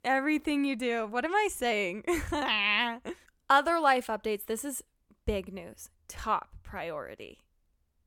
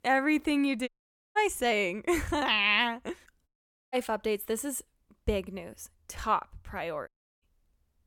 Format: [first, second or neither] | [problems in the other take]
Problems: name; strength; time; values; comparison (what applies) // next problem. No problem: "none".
first | audio cutting out; at 1 s, at 3.5 s and at 7 s